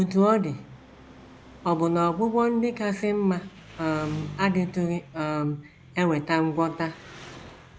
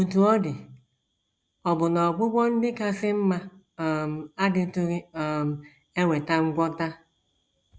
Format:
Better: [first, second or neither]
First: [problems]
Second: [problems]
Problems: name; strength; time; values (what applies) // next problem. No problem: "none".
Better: second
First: background sound (Engine); 18 dB below the speech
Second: none